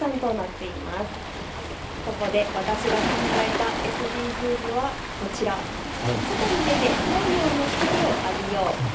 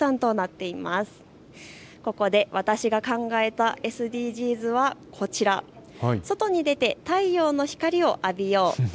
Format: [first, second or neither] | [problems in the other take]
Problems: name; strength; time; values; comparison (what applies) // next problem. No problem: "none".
second | background sound (Waves, surf); as loud as the speech // room echo; dies away in 0.3 s